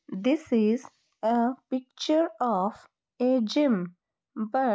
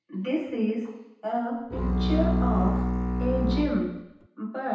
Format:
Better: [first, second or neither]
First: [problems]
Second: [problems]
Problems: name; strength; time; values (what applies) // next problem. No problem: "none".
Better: first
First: none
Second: background sound (Bowed string instrument); 4 dB above the speech // room echo; dies away in 0.9 s